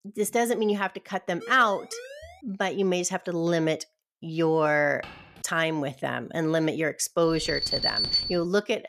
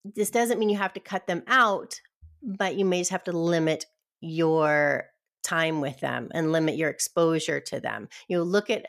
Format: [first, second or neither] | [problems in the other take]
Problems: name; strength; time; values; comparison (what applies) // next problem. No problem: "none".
second | siren; faint; from 1.5 to 2.5 s; peak 15 dB below the speech // footsteps; faint; at 5 s; peak 20 dB below the speech // alarm; loud; from 7.5 to 8.5 s; peak 4 dB above the speech